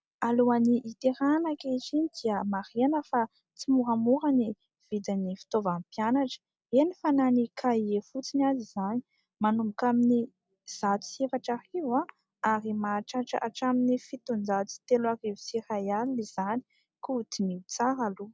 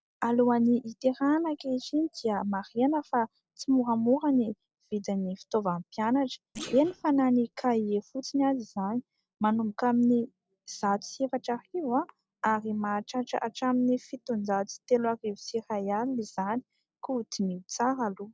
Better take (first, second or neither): first